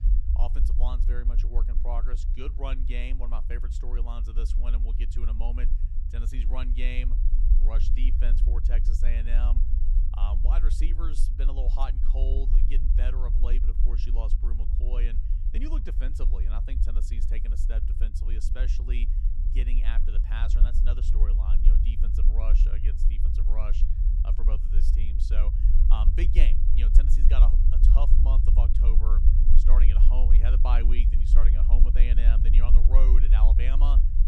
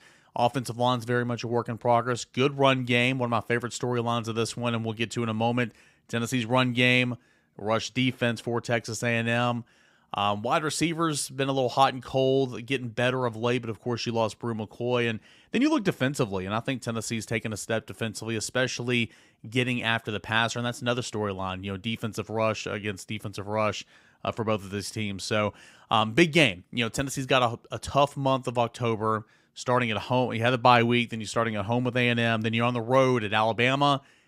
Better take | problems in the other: second | low rumble; loud; throughout; 5 dB below the speech

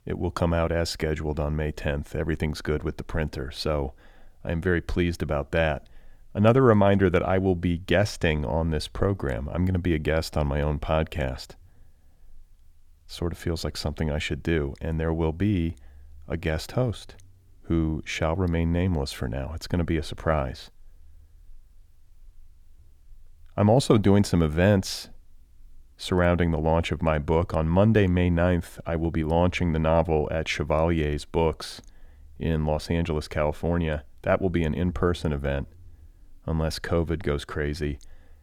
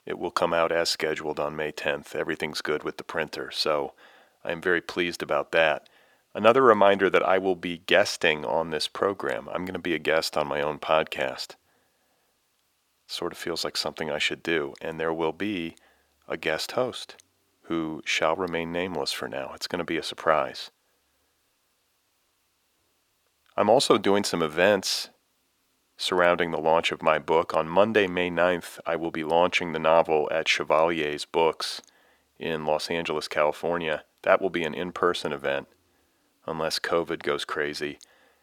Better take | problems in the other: first | thin; somewhat; fading below 400 Hz

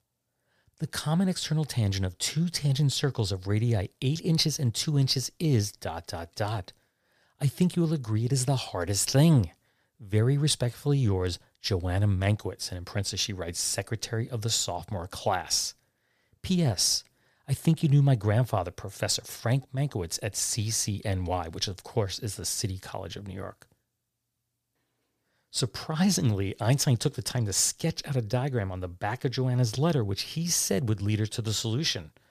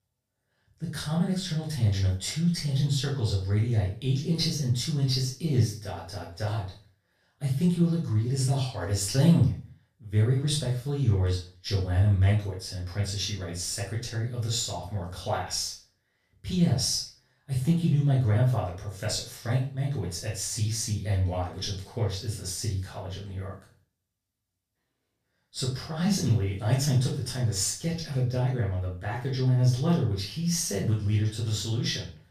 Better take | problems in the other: first | off-mic speech; far // room echo; noticeable; dies away in 0.3 s

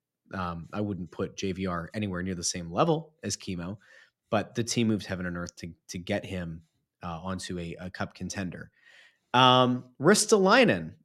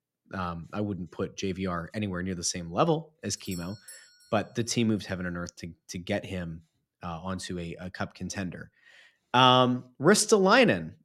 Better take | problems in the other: first | doorbell; faint; at 3.5 s; peak 20 dB below the speech

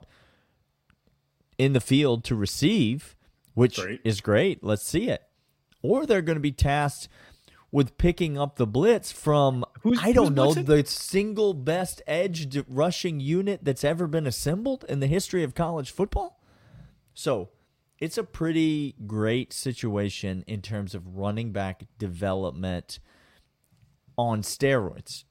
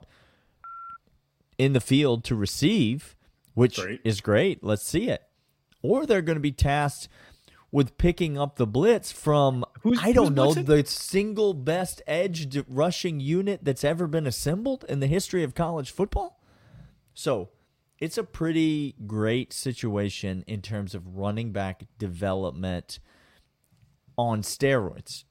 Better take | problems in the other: first | phone ringing; faint; at 0.5 s; peak 15 dB below the speech

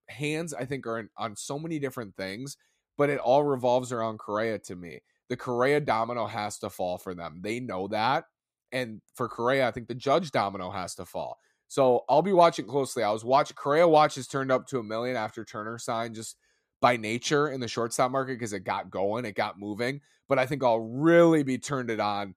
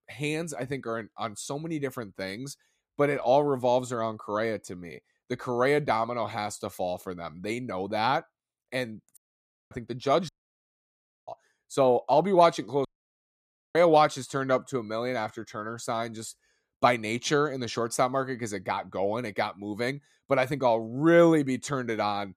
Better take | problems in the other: first | audio cutting out; at 9 s for 0.5 s, at 10 s for 1 s and at 13 s for 1 s

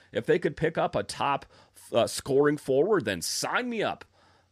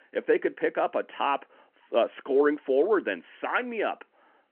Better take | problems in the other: first | phone-call audio

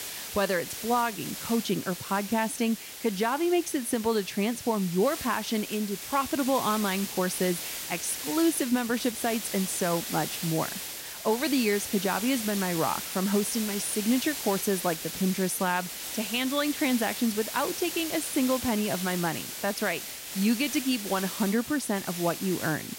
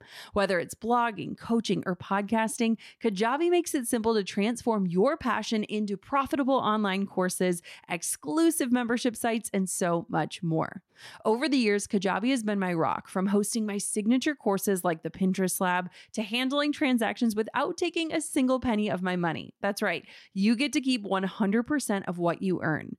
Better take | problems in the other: second | hiss; loud; throughout; 6 dB below the speech

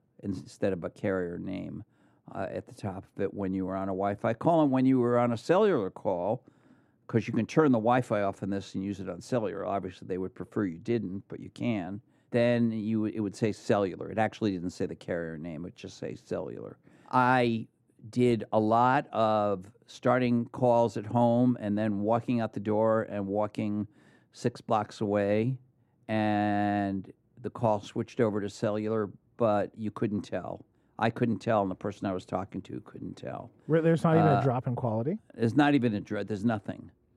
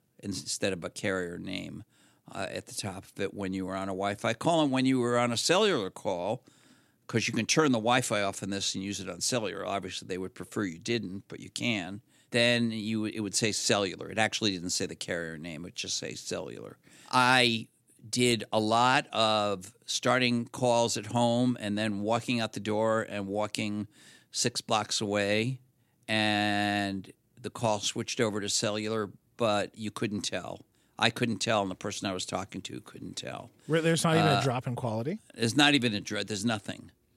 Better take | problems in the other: second | muffled; very; fading above 2 kHz

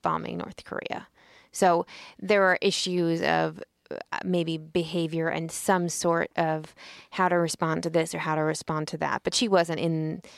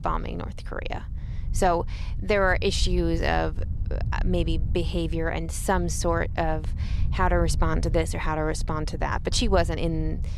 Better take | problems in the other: first | wind noise on the microphone; occasional gusts; 20 dB below the speech

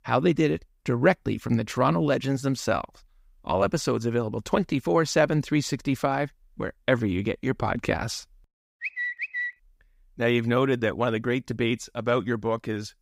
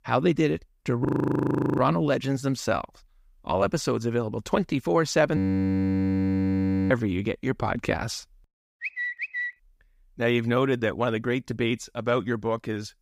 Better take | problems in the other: first | audio freezing; at 1 s for 0.5 s and at 5.5 s for 1.5 s

